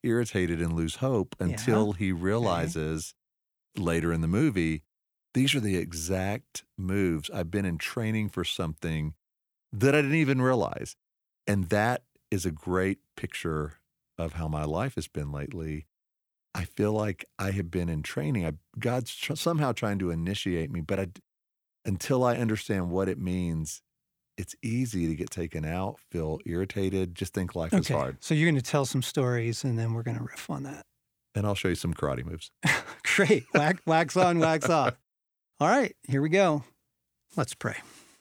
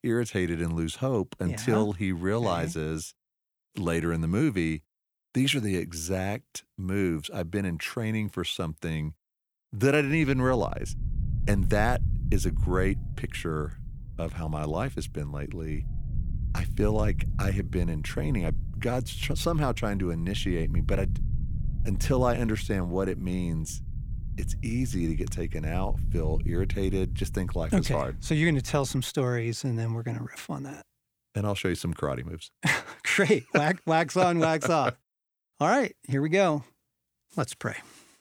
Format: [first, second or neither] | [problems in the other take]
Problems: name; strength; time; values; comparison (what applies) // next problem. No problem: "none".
first | low rumble; noticeable; from 10 to 29 s; 20 dB below the speech